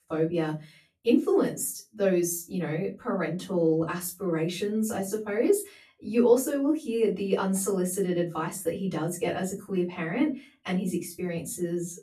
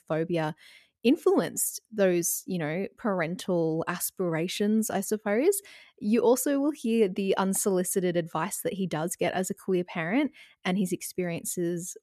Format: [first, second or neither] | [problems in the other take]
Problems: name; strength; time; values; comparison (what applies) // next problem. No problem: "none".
second | off-mic speech; far // room echo; slight; dies away in 0.2 s